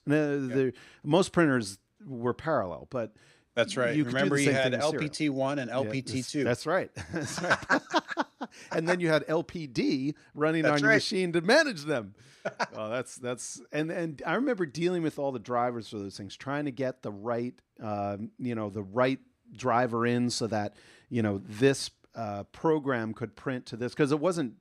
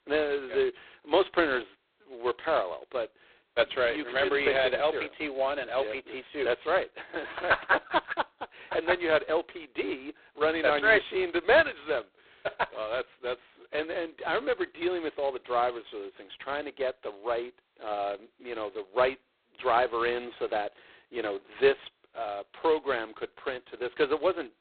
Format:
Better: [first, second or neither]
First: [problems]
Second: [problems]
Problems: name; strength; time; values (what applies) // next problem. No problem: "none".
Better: first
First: none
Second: phone-call audio; poor line; nothing above 4 kHz